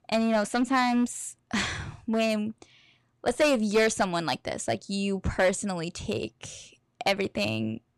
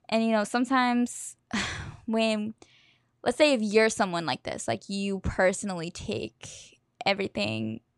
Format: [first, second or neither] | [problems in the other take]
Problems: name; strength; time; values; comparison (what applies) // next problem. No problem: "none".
second | distortion; slight; 4% of the sound clipped